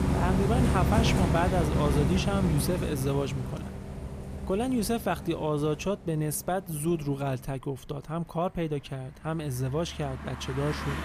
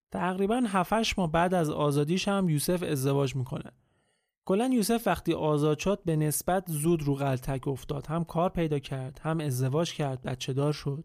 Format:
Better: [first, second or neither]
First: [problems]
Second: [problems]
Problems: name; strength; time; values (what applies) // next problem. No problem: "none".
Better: second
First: traffic noise; very loud; throughout; as loud as the speech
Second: none